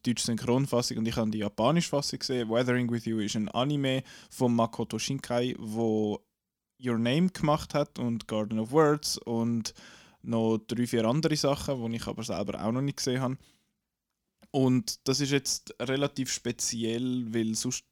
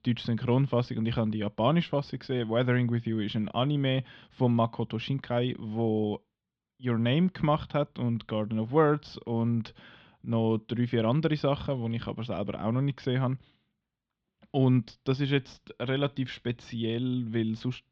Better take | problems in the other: first | muffled; very; fading above 3.5 kHz

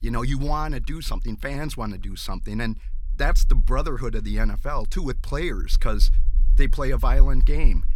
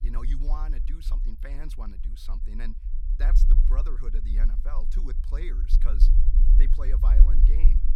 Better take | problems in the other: first | low rumble; loud; throughout; 4 dB below the speech; faint in the first

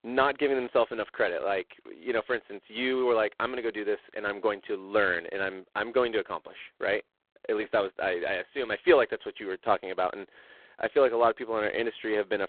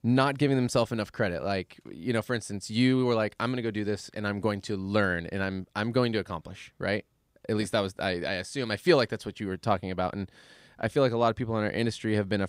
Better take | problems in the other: second | phone-call audio; poor line; nothing above 3.5 kHz

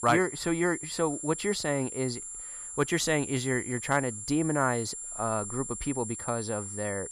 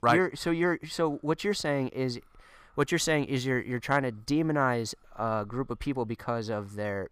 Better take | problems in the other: second | high-pitched whine; loud; throughout; 7.5 kHz, 7 dB below the speech

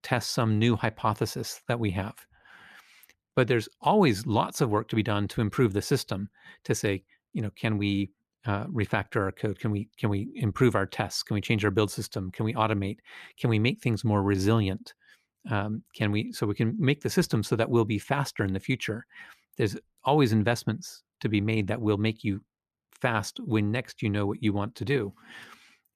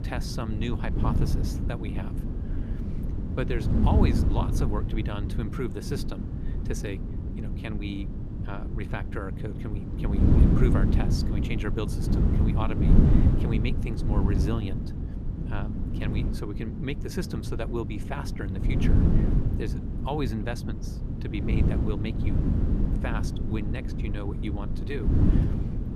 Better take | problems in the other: first | wind noise on the microphone; heavy; 1 dB below the speech

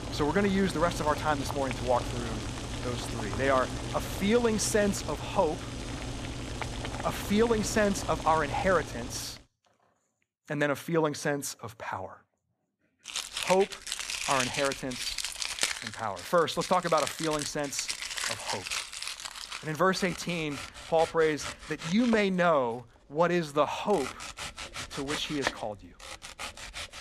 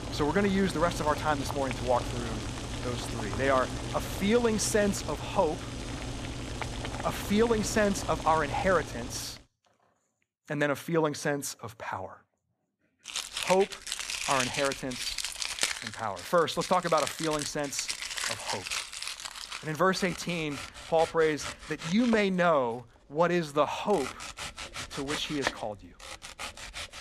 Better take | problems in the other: neither | household noises; loud; throughout; 6 dB below the speech; the same in both

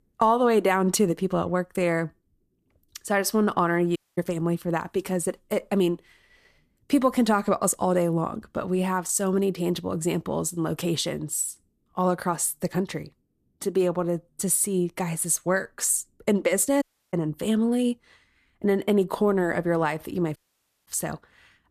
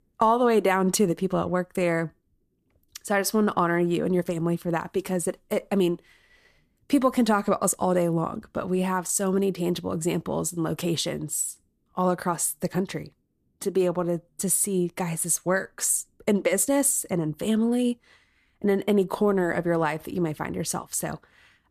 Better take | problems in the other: second | audio cutting out; at 4 s, at 17 s and at 20 s for 0.5 s

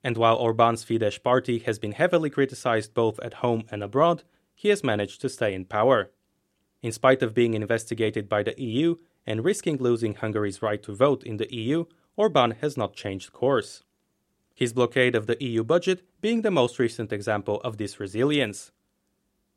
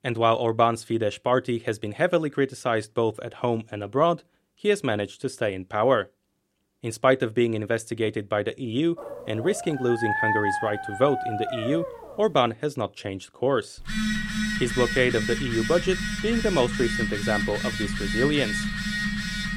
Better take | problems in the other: first | dog barking; loud; from 9 to 12 s; peak 2 dB above the speech // phone ringing; noticeable; from 14 s on; peak 1 dB below the speech

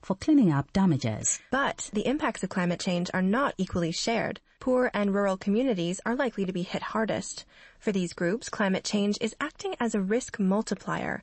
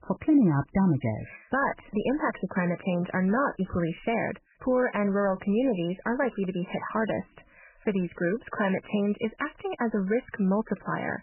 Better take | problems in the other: first | garbled, watery; badly; nothing above 3 kHz; slightly in the first

